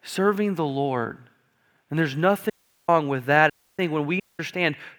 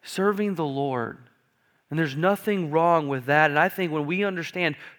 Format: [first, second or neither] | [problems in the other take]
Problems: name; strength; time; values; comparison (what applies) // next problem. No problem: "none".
second | audio cutting out; at 2.5 s, at 3.5 s and at 4 s